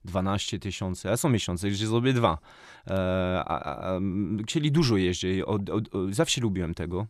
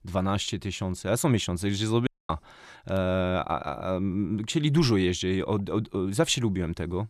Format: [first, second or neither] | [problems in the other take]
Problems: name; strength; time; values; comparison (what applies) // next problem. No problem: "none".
first | audio cutting out; at 2 s